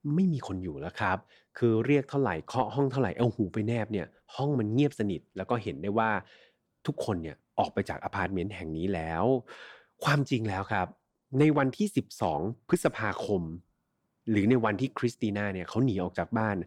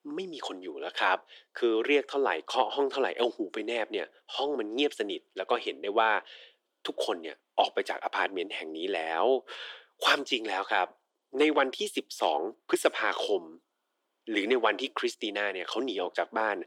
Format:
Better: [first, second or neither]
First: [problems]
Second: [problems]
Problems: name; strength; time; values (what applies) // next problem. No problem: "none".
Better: first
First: none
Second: thin; somewhat; fading below 350 Hz